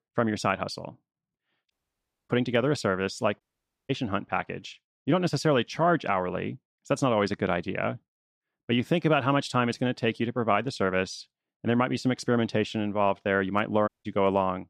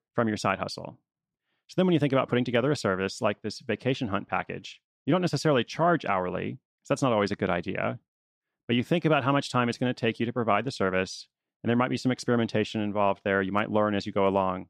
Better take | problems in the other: second | audio cutting out; at 1.5 s for 0.5 s, at 3.5 s and at 14 s

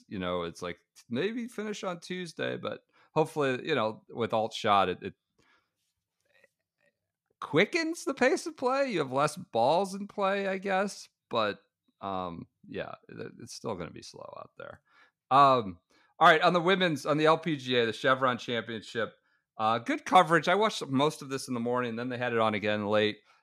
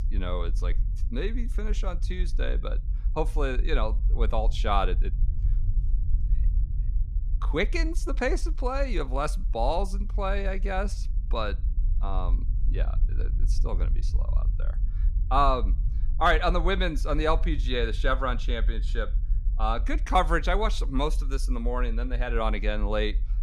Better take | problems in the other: first | low rumble; faint; throughout; 25 dB below the speech

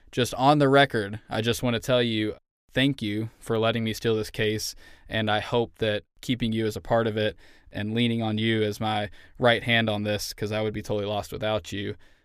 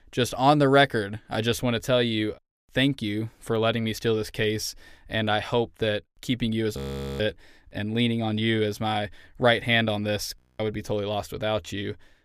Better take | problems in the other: first | audio freezing; at 7 s and at 10 s

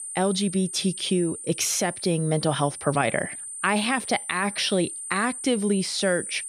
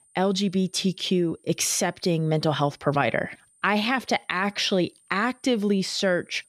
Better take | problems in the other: second | high-pitched whine; loud; throughout; 9 kHz, 9 dB below the speech; faint in the second

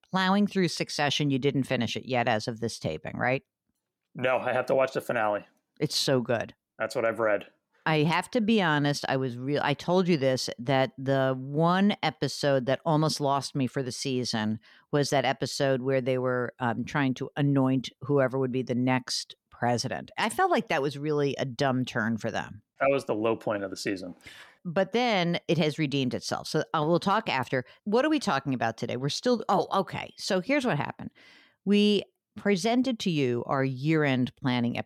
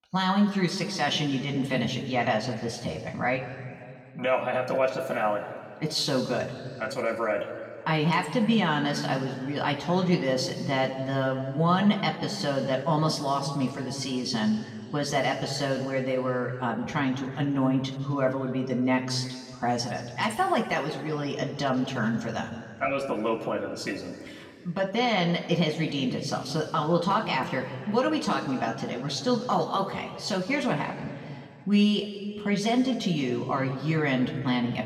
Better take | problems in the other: first | room echo; noticeable; dies away in 1.8 s // off-mic speech; somewhat distant

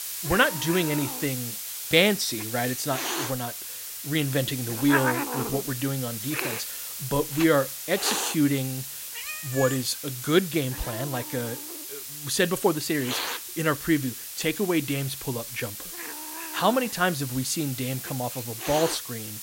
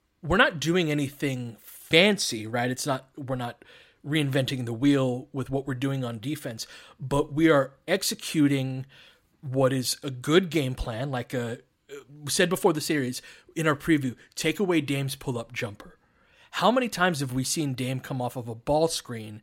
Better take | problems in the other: second | hiss; loud; throughout; 5 dB below the speech

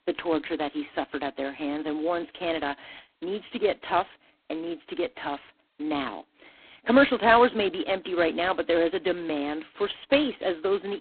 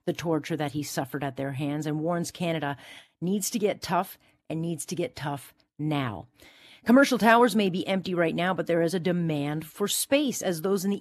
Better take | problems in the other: second | phone-call audio; poor line; nothing above 4 kHz

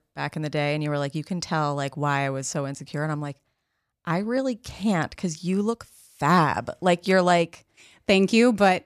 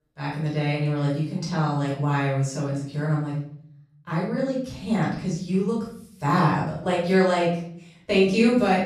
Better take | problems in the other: first | off-mic speech; far // room echo; noticeable; dies away in 0.7 s

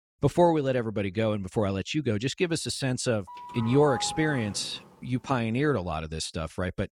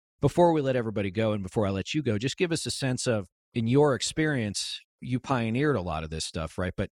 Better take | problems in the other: second | doorbell; noticeable; from 3.5 to 5 s; peak 7 dB below the speech

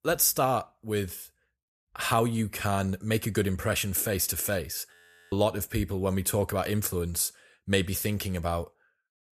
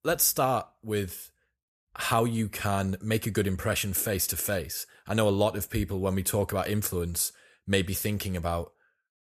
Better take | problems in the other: second | audio freezing; at 5 s

